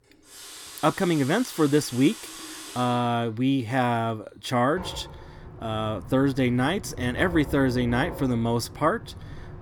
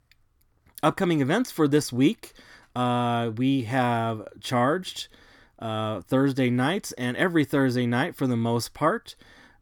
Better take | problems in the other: second | household noises; noticeable; throughout; 15 dB below the speech

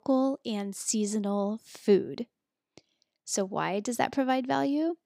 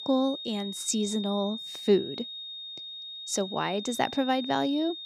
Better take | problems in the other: first | high-pitched whine; loud; throughout; 3.5 kHz, 8 dB below the speech

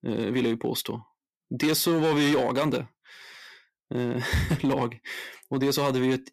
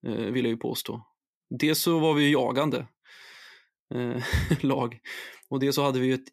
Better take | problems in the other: second | distortion; slight; 7% of the sound clipped

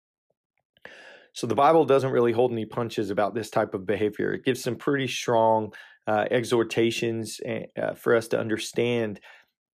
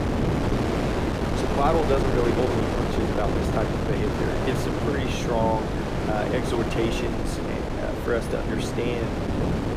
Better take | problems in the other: first | wind noise on the microphone; heavy; as loud as the speech

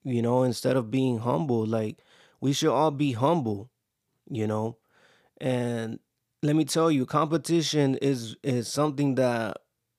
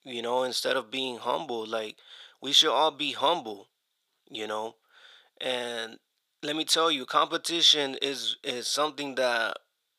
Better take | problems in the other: first | thin; somewhat; fading below 600 Hz

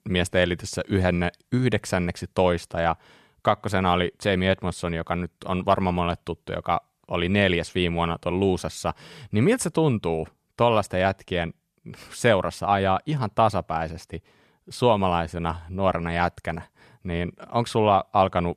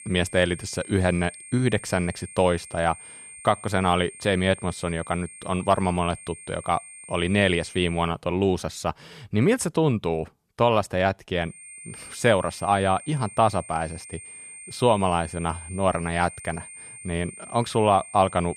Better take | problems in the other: first | high-pitched whine; noticeable; until 8 s and from 12 s on; 8.5 kHz, 15 dB below the speech

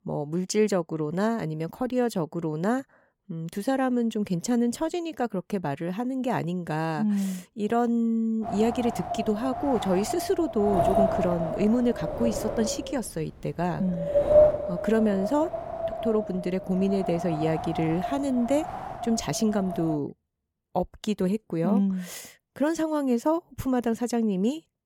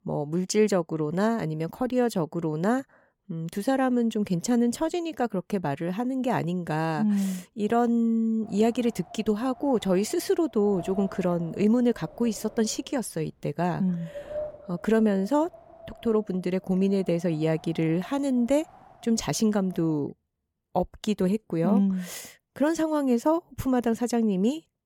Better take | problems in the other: second | wind noise on the microphone; heavy; from 8.5 to 20 s; 1 dB above the speech; occasional gusts in the second

